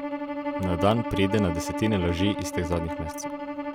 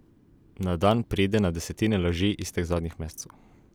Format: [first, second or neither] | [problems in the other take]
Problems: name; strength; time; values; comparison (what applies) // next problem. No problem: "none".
second | background sound (Bowed string instrument); 4 dB below the speech